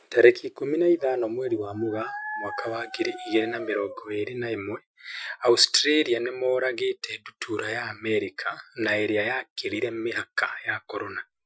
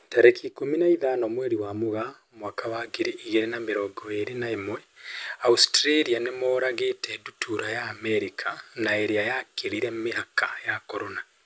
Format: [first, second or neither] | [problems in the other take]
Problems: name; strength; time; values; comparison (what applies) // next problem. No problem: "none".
second | noise reduction (classical method Wiener filter)